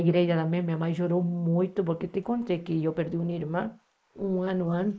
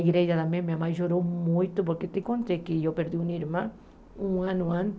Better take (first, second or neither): second